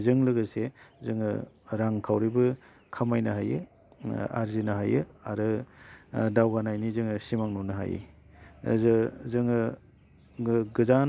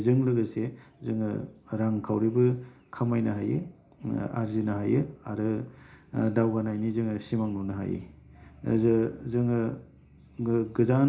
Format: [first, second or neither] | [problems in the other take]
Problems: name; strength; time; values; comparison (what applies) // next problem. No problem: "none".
first | room echo; dies away in 0.4 s